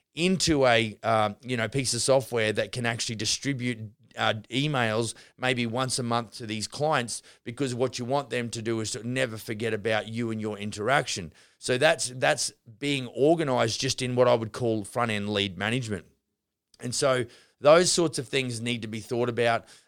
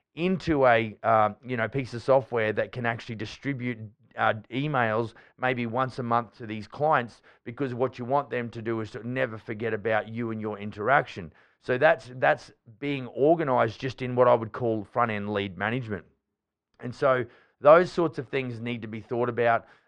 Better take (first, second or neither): first